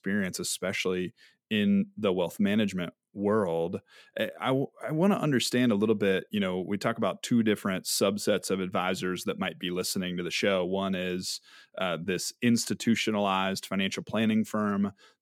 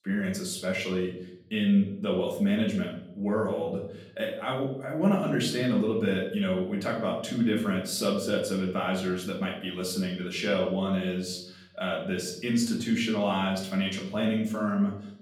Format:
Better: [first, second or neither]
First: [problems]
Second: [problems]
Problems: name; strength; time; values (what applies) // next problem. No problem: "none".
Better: first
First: none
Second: room echo; slight; dies away in 0.7 s // off-mic speech; far